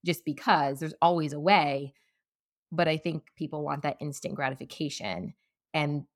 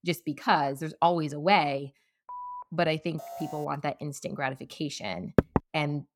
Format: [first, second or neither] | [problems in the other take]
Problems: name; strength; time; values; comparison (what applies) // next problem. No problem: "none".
first | phone ringing; faint; at 2.5 s; peak 10 dB below the speech // alarm; faint; at 3 s; peak 10 dB below the speech // door banging; loud; at 5.5 s; peak 3 dB above the speech